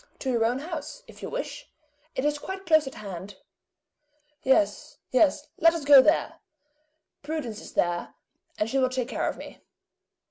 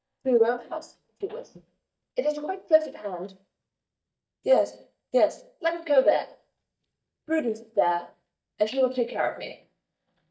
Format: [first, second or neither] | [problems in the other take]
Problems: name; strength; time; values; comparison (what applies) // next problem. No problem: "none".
first | noise reduction (neural mask model DeepFilterNet 3)